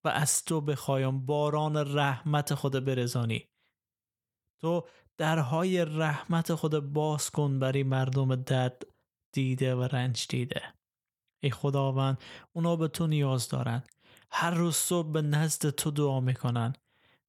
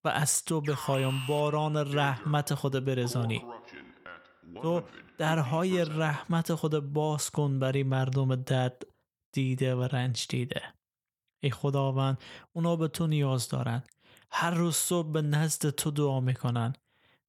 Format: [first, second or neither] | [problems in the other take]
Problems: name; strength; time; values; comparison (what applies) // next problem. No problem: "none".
first | alarm; noticeable; from 0.5 to 6 s; peak 8 dB below the speech